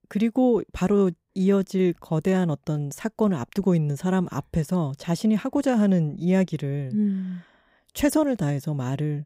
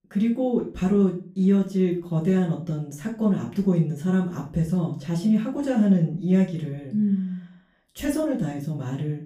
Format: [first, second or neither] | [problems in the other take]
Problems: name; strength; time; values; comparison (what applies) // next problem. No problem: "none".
first | off-mic speech; far // room echo; slight; dies away in 0.3 s